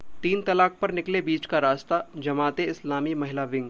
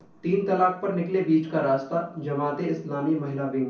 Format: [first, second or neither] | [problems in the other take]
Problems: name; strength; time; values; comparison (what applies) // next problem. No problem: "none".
first | room echo; dies away in 0.6 s